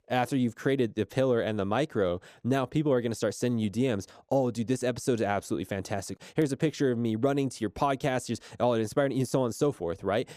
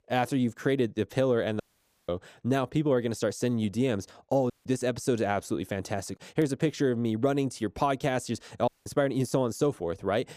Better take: first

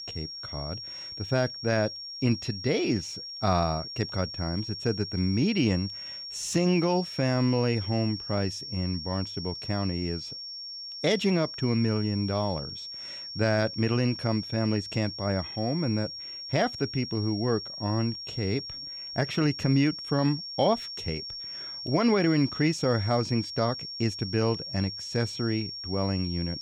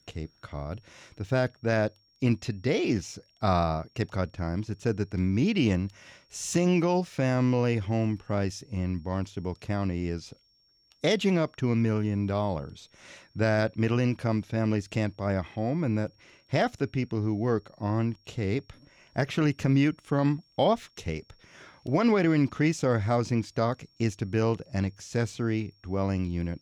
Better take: second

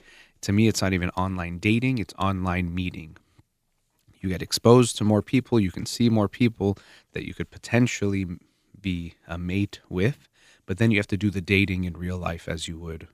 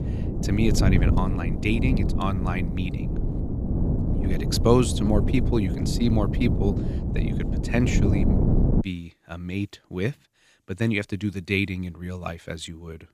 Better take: first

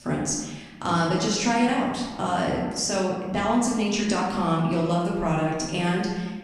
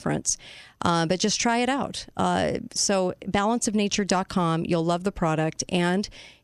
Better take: second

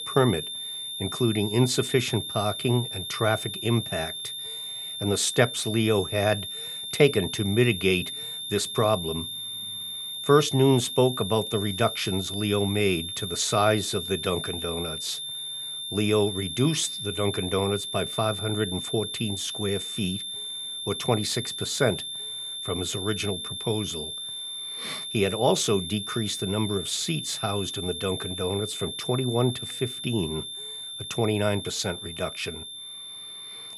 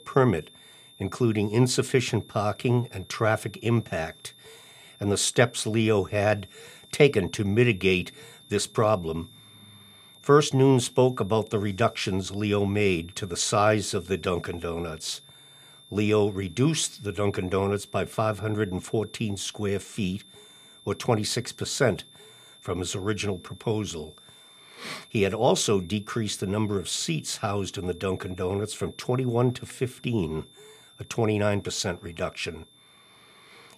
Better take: second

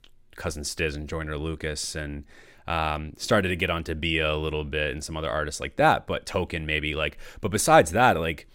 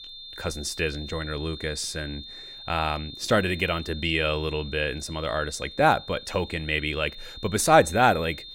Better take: first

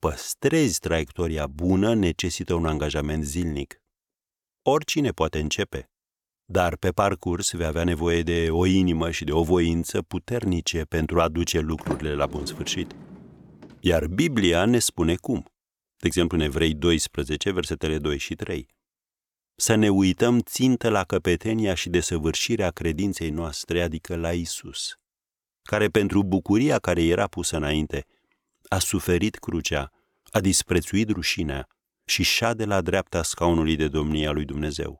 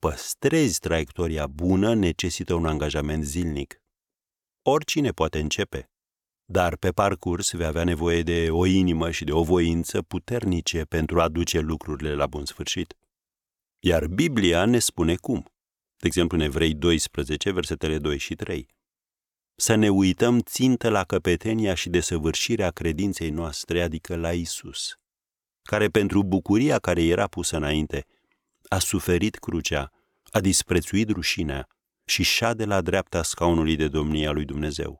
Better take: second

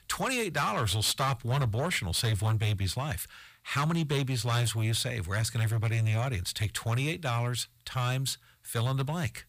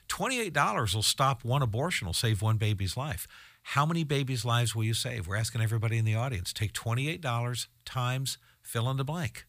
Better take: second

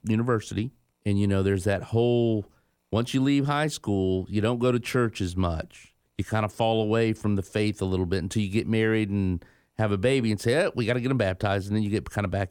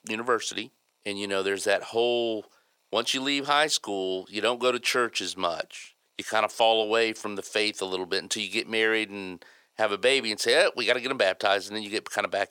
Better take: first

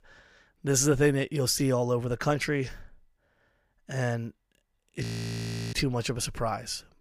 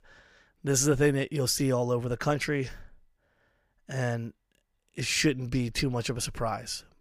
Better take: second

